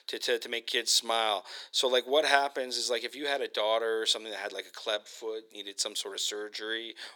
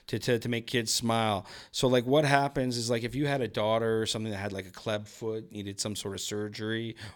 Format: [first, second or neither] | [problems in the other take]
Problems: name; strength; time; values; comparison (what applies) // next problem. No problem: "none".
second | thin; very; fading below 400 Hz